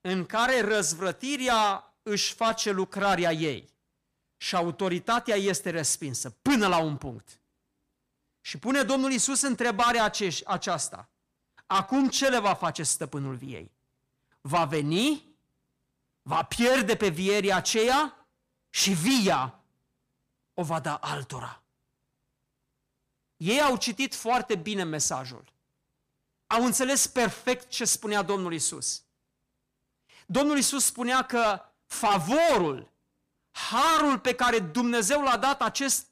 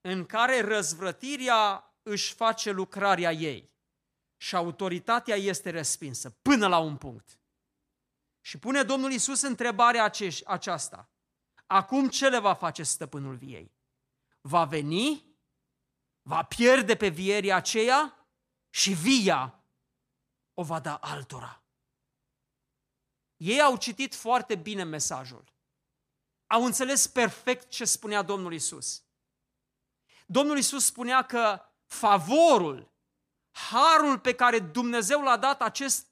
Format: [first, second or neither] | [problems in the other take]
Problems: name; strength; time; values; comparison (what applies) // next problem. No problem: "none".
second | distortion; heavy; 8 dB below the speech